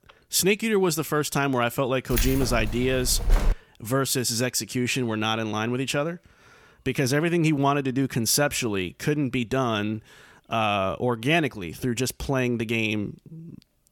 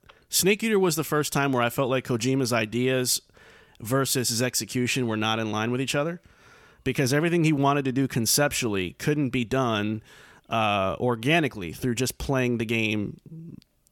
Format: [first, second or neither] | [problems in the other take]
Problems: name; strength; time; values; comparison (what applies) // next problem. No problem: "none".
second | jangling keys; noticeable; from 2 to 3.5 s; peak 1 dB below the speech